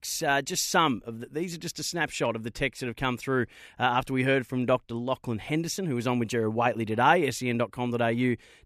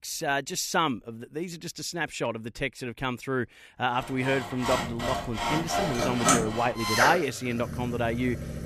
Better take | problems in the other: first | machinery noise; very loud; from 4.5 s on; 1 dB above the speech

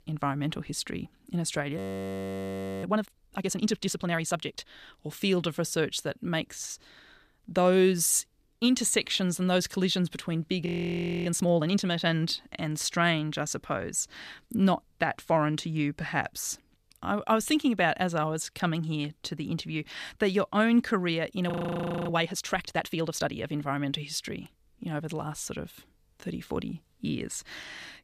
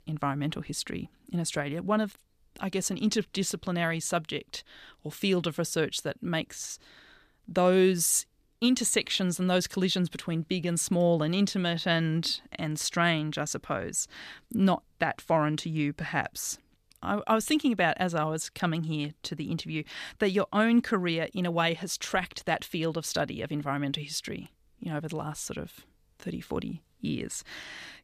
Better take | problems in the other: second | audio freezing; at 2 s for 1 s, at 11 s for 0.5 s and at 22 s for 0.5 s

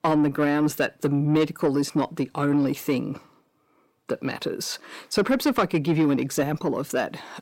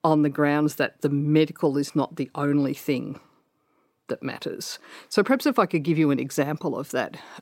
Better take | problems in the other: second | distortion; slight; 10 dB below the speech

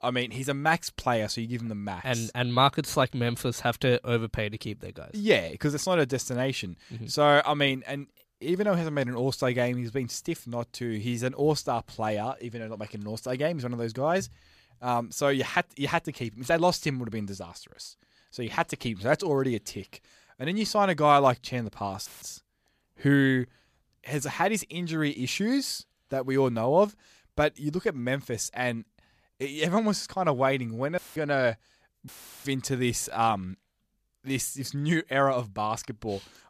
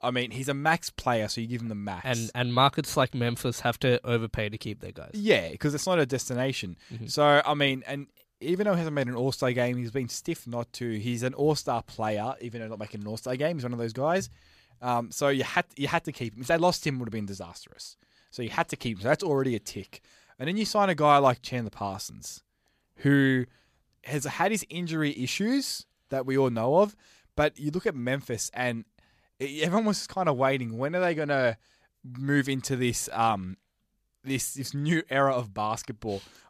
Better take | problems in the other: second | audio cutting out; filled with static; at 22 s, at 31 s and at 32 s

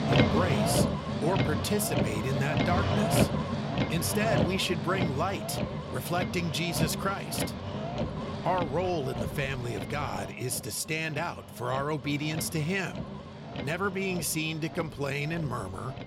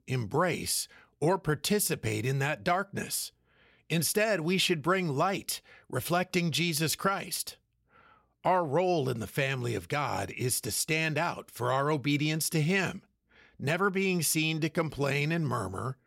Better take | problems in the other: second | traffic noise; very loud; throughout; as loud as the speech

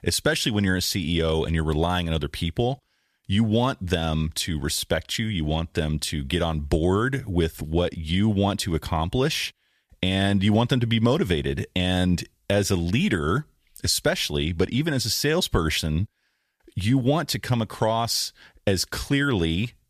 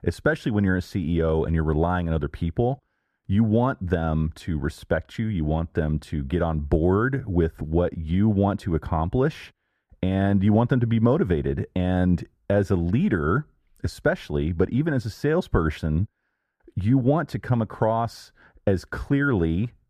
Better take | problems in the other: first | muffled; very; fading above 2 kHz

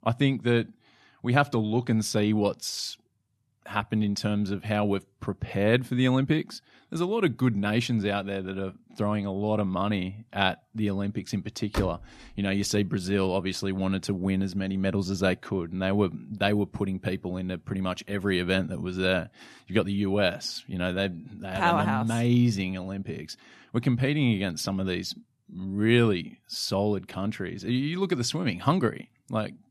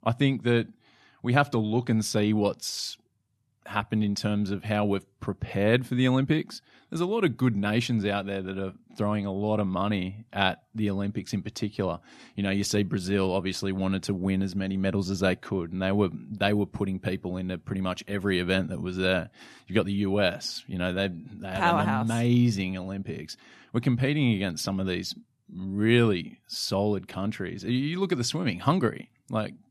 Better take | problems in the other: second | door banging; noticeable; at 12 s; peak 6 dB below the speech

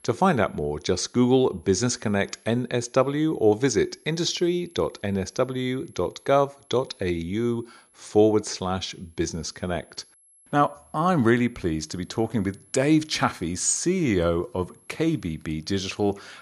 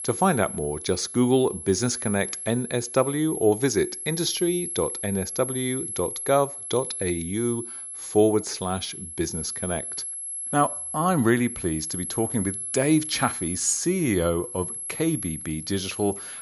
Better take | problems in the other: first | high-pitched whine; loud; throughout; 11 kHz, 6 dB below the speech; faint in the first

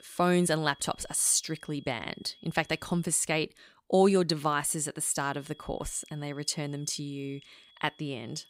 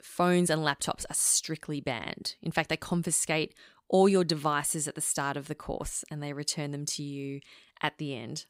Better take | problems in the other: second | high-pitched whine; faint; until 3 s and from 5 s on; 3.5 kHz, 25 dB below the speech

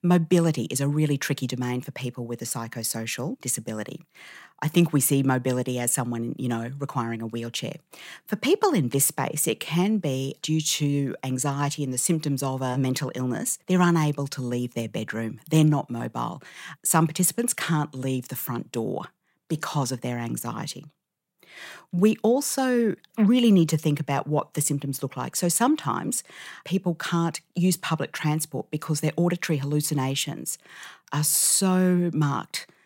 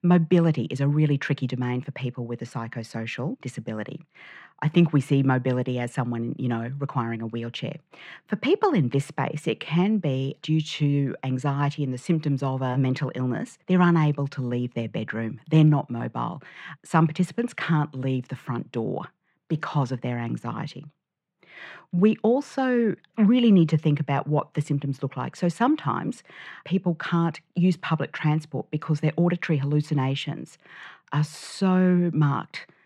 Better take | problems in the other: first | muffled; very; fading above 2.5 kHz

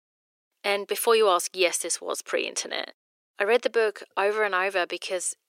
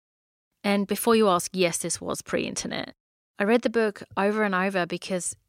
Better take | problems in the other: second | thin; very; fading below 400 Hz

